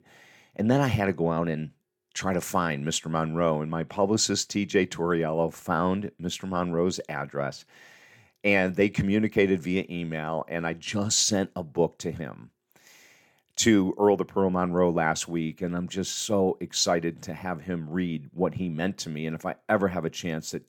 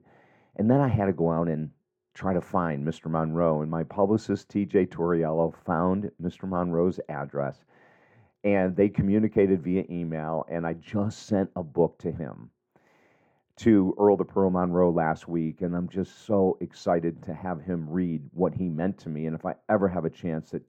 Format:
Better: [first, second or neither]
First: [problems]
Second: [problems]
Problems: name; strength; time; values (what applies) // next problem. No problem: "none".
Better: first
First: none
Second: muffled; very; fading above 2.5 kHz